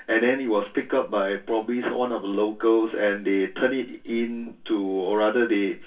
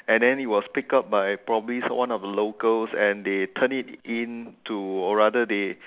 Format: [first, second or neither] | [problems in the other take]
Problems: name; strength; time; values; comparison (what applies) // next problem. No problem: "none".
second | room echo; dies away in 0.2 s